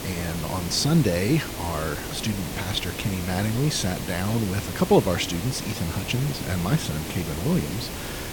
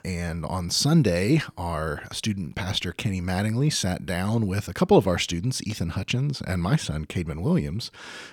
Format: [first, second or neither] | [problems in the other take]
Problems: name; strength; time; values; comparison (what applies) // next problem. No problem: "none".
second | hiss; loud; throughout; 7 dB below the speech